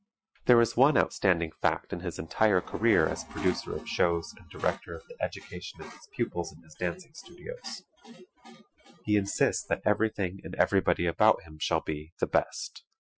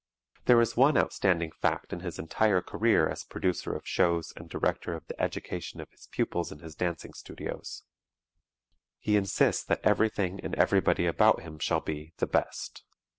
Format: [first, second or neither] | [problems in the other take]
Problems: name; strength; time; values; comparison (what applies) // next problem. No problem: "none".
second | noise reduction (classical method Wiener filter)